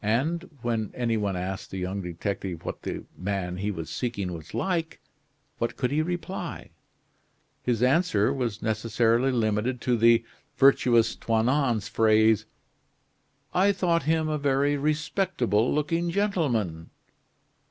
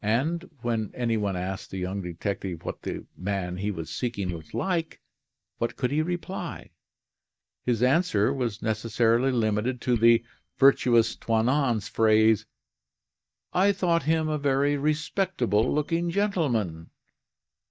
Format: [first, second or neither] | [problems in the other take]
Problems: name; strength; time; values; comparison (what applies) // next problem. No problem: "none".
first | noise reduction (neural mask model DeepFilterNet 3)